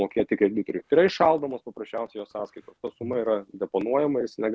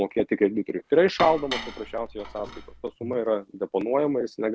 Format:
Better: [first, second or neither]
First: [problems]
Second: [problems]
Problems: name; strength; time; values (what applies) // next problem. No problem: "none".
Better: first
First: none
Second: background sound (Dishes, pots, and pans); 11 dB below the speech